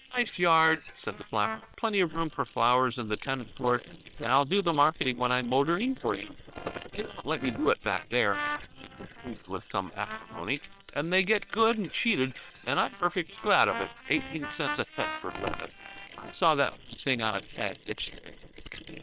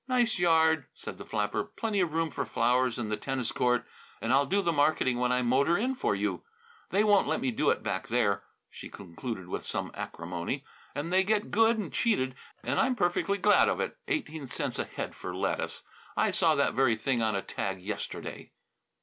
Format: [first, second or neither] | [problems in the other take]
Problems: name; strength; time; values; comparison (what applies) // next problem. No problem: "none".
second | noise reduction (neural separator model SepFormer WHAM!)